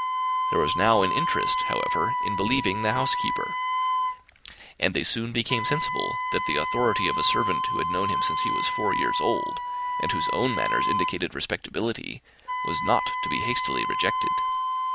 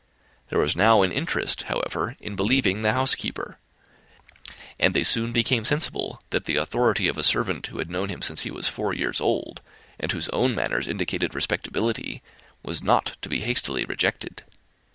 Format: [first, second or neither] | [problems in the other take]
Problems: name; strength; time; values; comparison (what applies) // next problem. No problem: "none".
second | background sound (Wind instrument, woodwind instrument); 1 dB above the speech